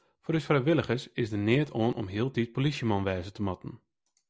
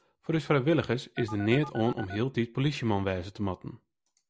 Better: first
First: none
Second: background sound (Telephone); 13 dB below the speech

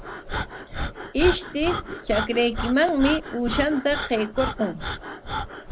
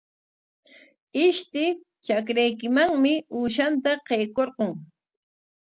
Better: second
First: background sound (Breathing); 6 dB below the speech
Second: none

